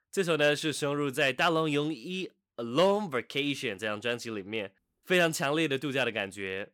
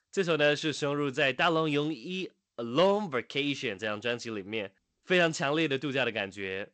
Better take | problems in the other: first | garbled, watery; slightly; nothing above 8 kHz

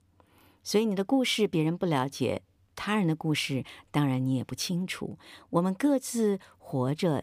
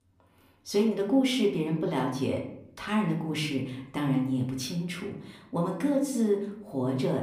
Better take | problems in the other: first | room echo; slight; dies away in 0.6 s // off-mic speech; somewhat distant

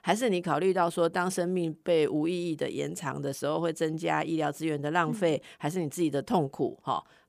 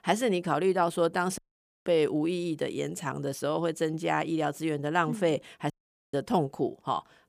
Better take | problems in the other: first | audio cutting out; at 1.5 s and at 5.5 s

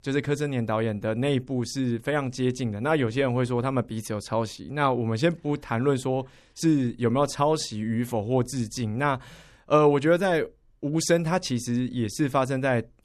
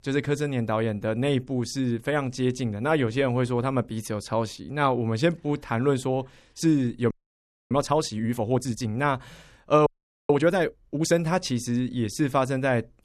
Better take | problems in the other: first | audio freezing; at 7 s for 0.5 s and at 10 s

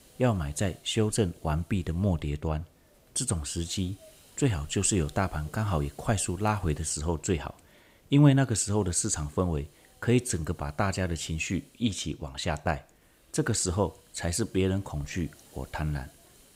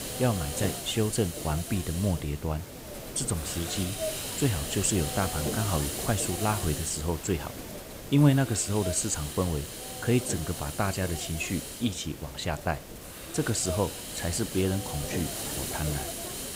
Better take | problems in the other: first | hiss; loud; throughout; 5 dB below the speech; faint in the first

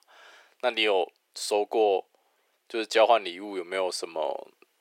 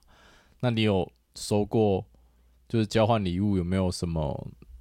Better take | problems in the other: second | thin; very; fading below 350 Hz

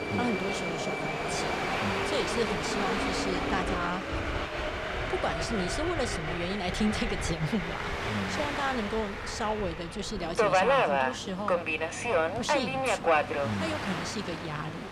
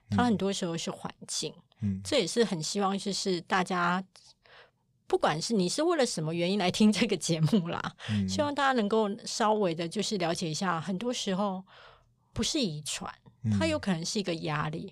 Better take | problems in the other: second | train or aircraft noise; very loud; throughout; 4 dB above the speech

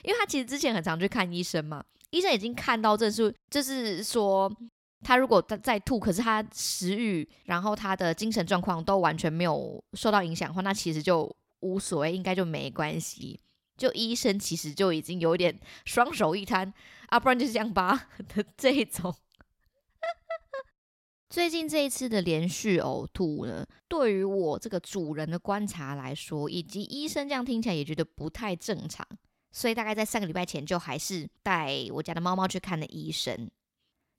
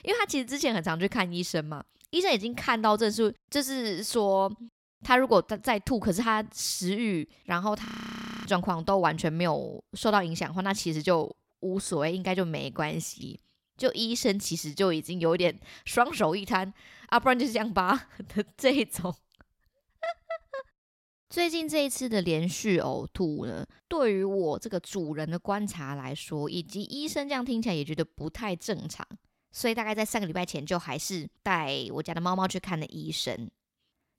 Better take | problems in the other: first | audio freezing; at 8 s for 0.5 s

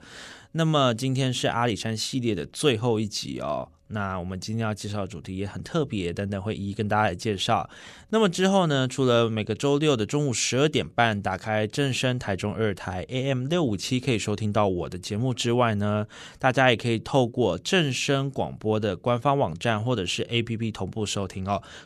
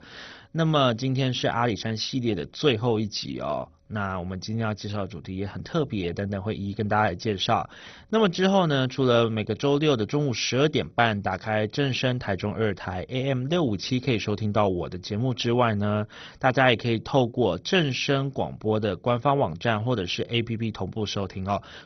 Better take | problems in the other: first | garbled, watery; badly; nothing above 6 kHz

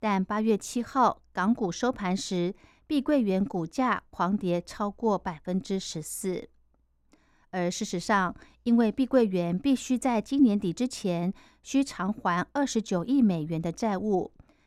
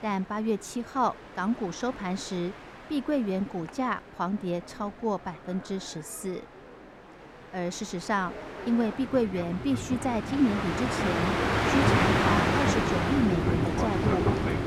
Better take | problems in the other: first | train or aircraft noise; very loud; throughout; 3 dB above the speech

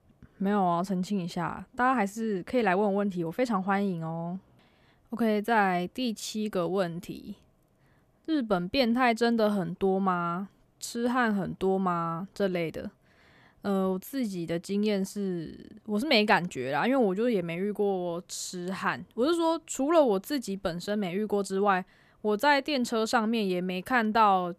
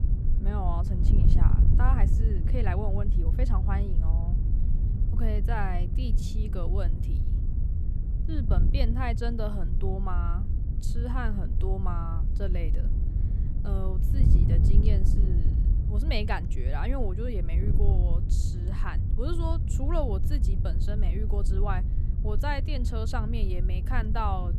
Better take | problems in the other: first | wind noise on the microphone; heavy; 7 dB below the speech

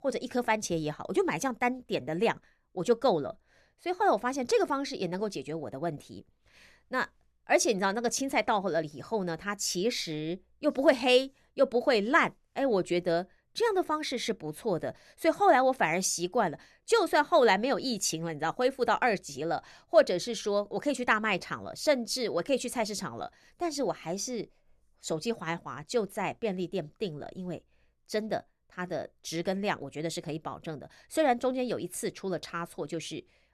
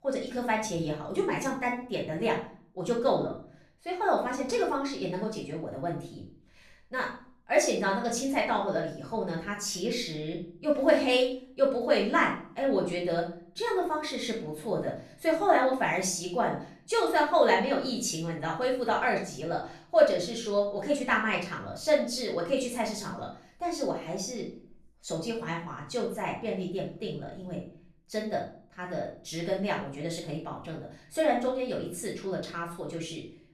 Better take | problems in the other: first | off-mic speech; far // room echo; slight; dies away in 0.4 s

